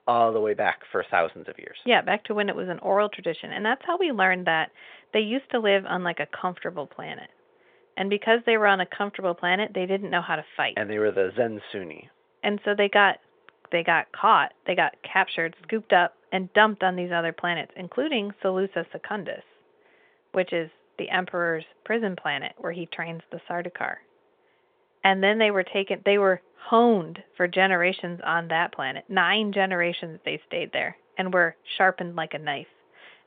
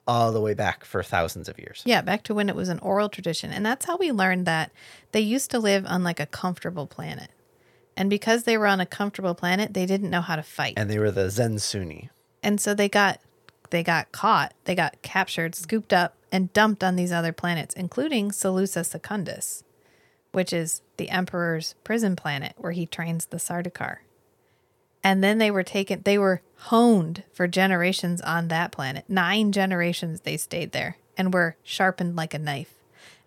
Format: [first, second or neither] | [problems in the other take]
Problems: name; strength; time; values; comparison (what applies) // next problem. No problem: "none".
second | phone-call audio; nothing above 3 kHz